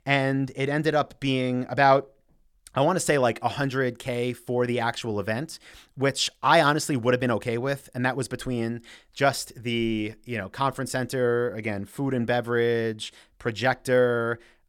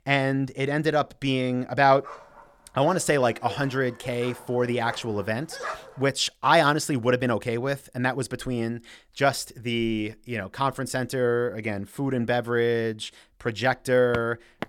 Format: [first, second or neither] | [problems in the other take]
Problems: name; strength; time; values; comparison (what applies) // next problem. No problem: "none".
first | dog barking; noticeable; from 2 to 6 s; peak 9 dB below the speech // footsteps; faint; at 14 s; peak 15 dB below the speech